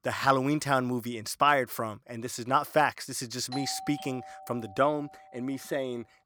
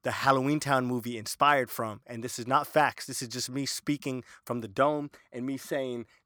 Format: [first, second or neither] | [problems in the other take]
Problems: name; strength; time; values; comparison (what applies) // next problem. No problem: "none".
second | doorbell; noticeable; from 3.5 to 5.5 s; peak 10 dB below the speech